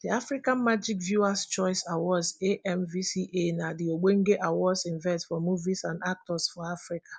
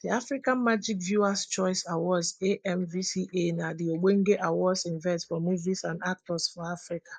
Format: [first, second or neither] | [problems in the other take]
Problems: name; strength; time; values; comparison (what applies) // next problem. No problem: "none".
first | noise reduction (neural mask model Resemble Enhance denoiser)